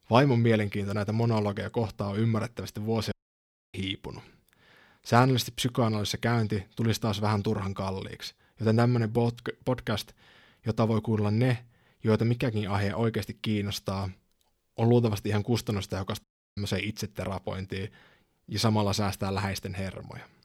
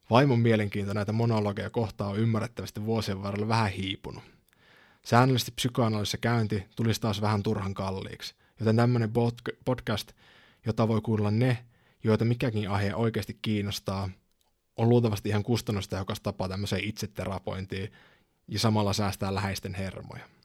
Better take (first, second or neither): second